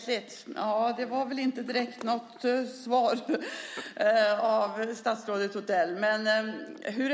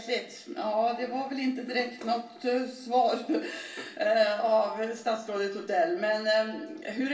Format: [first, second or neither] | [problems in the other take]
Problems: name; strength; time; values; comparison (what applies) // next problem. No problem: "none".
first | room echo; dies away in 0.3 s